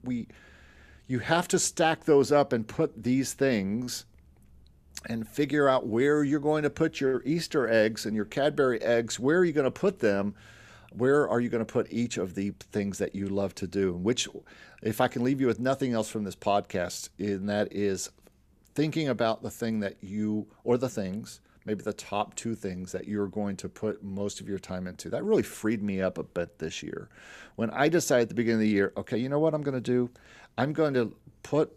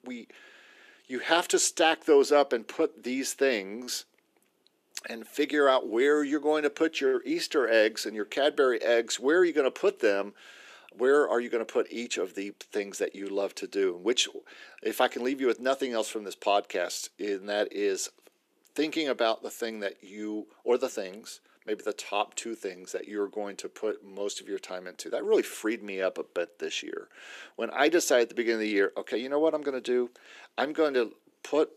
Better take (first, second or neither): first